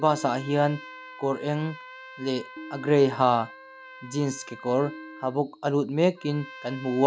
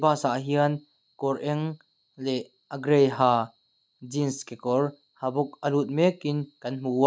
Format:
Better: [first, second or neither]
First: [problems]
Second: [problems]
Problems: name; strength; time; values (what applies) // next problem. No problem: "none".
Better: second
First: background sound (Trumpet + Tabla); 17 dB below the speech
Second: none